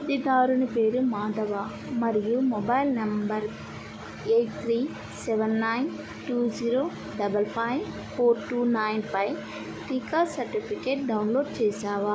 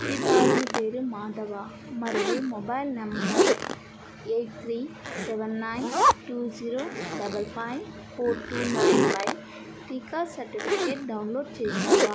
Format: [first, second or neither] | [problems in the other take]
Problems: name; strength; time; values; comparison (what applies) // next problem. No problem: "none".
first | background sound (Zipper (clothing)); 4 dB above the speech